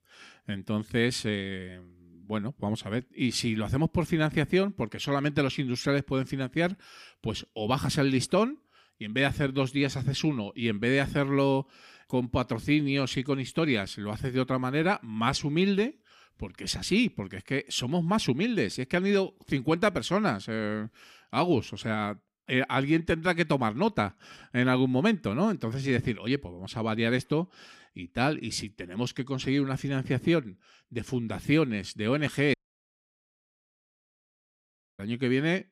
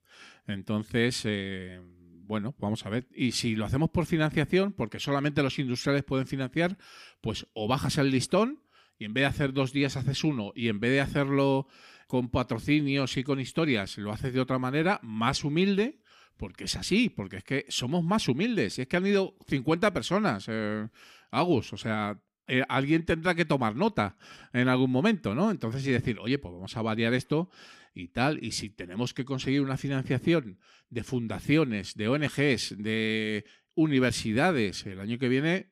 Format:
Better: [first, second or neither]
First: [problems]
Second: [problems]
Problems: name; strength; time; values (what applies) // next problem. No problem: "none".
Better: second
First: audio cutting out; at 33 s for 2.5 s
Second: none